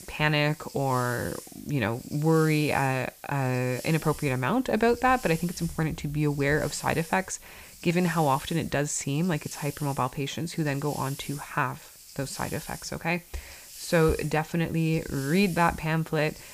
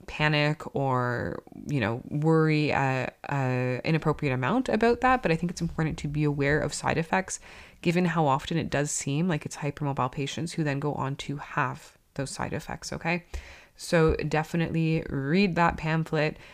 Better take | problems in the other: second | hiss; noticeable; throughout; 15 dB below the speech

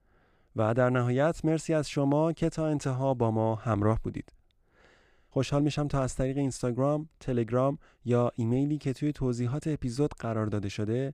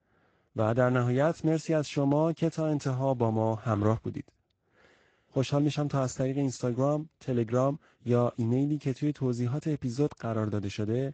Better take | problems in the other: first | garbled, watery; slightly; nothing above 7.5 kHz

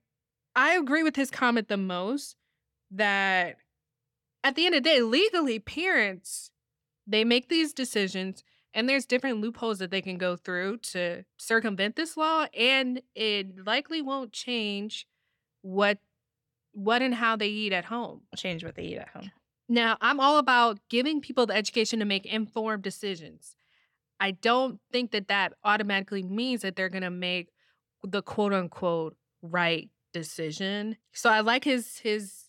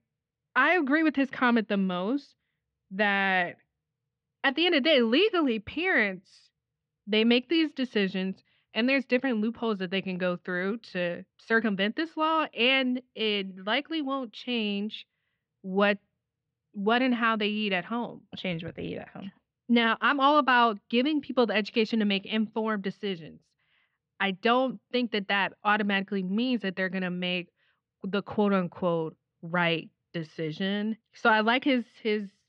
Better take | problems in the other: first | muffled; slightly; fading above 3.5 kHz

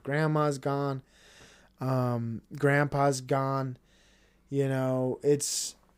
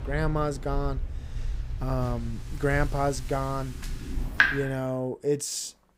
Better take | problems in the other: first | rain or running water; loud; until 4.5 s; 2 dB below the speech

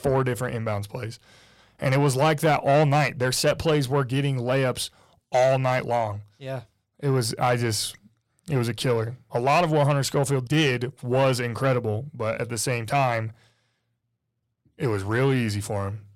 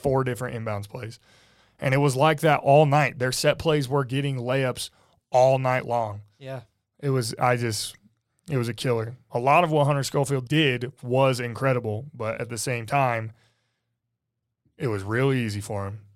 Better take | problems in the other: second | distortion; slight; 10 dB below the speech

